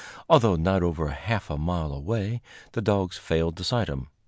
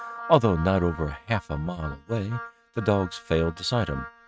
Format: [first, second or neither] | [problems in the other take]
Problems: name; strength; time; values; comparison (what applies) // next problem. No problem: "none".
first | noise reduction (neural mask model RNNoise)